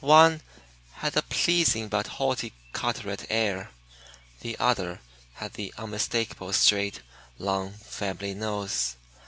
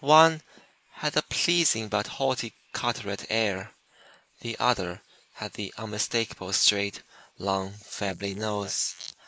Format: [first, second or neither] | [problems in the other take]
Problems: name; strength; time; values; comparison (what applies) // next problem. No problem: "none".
first | noise reduction (neural mask model Resemble Enhance denoiser)